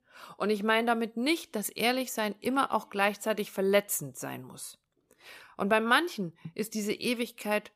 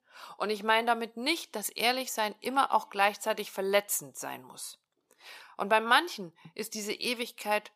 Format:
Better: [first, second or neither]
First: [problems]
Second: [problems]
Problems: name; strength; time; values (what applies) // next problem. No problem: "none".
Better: first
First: none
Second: thin; somewhat; fading below 850 Hz